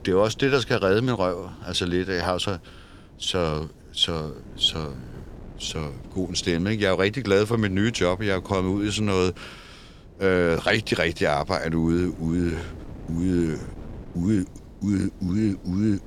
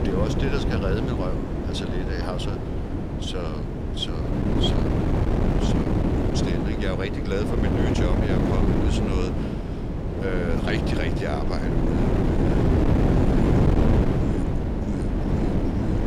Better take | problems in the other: first | wind noise on the microphone; heavy; 3 dB above the speech; occasional gusts in the first

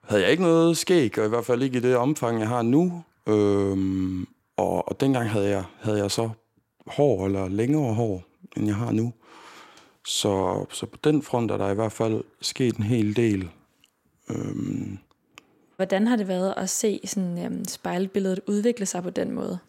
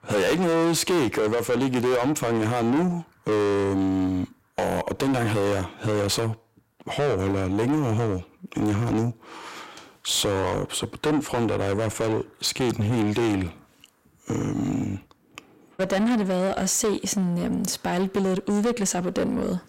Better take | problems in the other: first | distortion; heavy; 6 dB below the speech

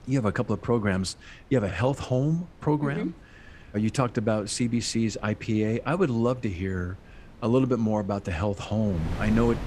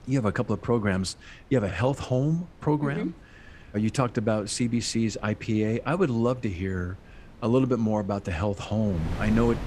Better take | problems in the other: neither | wind noise on the microphone; occasional gusts; 20 dB below the speech; the same in both

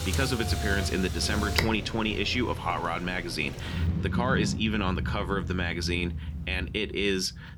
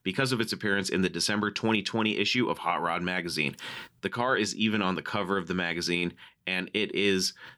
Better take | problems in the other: second | traffic noise; loud; throughout; 3 dB below the speech

